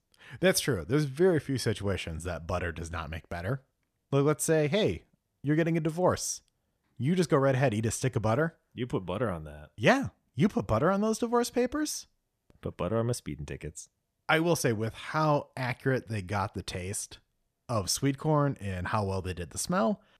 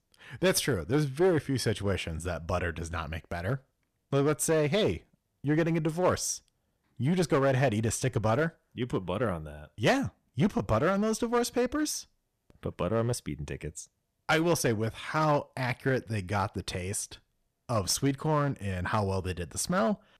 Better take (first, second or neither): first